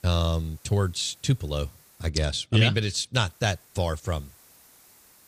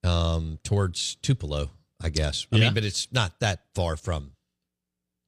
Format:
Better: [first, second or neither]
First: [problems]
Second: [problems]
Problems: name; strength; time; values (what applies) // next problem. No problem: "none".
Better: second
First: hiss; faint; until 2 s and from 3.5 s on; 25 dB below the speech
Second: none